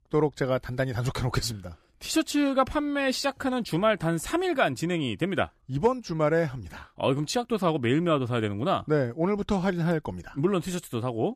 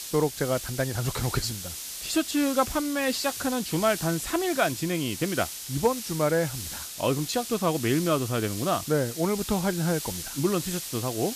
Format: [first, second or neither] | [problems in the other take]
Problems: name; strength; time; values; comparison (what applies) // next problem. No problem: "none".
first | hiss; loud; throughout; 7 dB below the speech